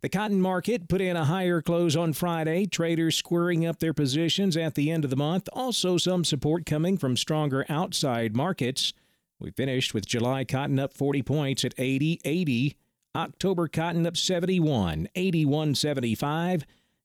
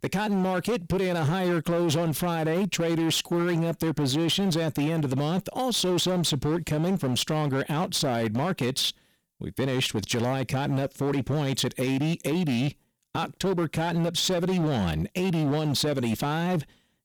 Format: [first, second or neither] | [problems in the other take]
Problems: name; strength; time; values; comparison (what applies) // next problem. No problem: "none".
first | distortion; slight; 19% of the sound clipped